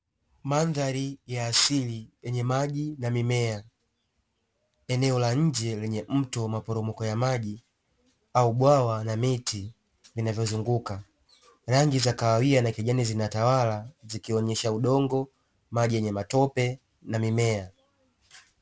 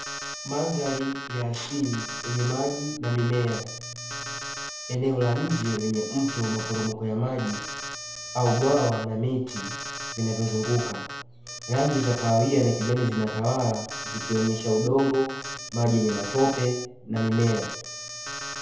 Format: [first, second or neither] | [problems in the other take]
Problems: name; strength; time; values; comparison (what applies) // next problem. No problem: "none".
first | background sound (Alarm); 10 dB below the speech // room echo; dies away in 2 s